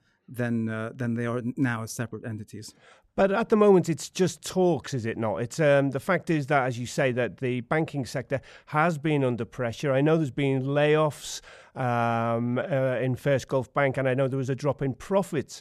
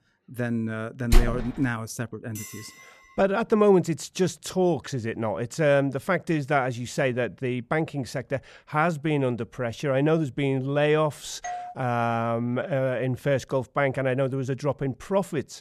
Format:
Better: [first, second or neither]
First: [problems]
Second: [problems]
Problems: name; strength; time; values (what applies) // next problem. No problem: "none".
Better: first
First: none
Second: door banging; loud; at 1 s; peak 1 dB above the speech // clattering dishes; faint; at 2.5 s; peak 15 dB below the speech // doorbell; noticeable; at 11 s; peak 9 dB below the speech